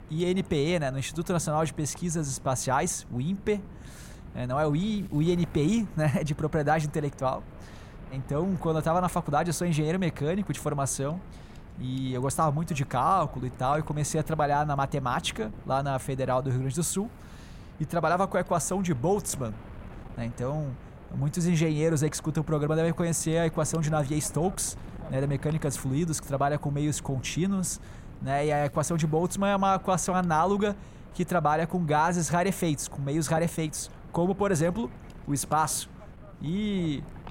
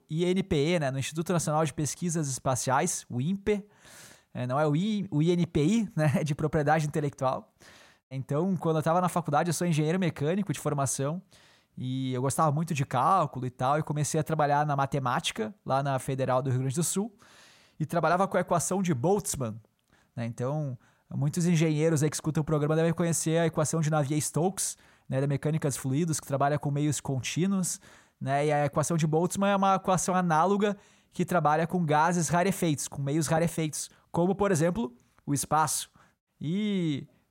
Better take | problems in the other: second | wind noise on the microphone; occasional gusts; 20 dB below the speech

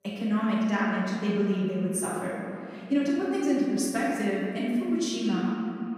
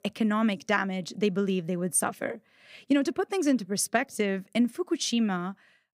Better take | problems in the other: second | room echo; strong; dies away in 2.6 s // off-mic speech; far

